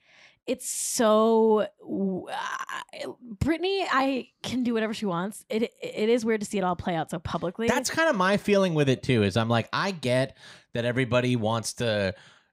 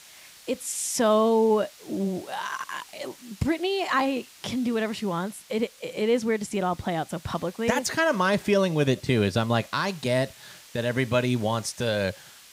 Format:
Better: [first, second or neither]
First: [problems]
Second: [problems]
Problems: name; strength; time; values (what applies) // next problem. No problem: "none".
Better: first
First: none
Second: hiss; faint; throughout; 20 dB below the speech